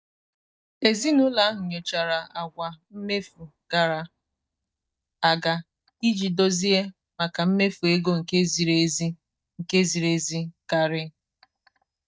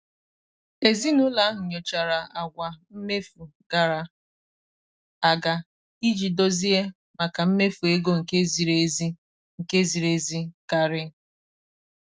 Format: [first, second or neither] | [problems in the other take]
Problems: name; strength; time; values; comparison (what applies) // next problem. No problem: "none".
second | noise reduction (neural mask model DeepFilterNet 3)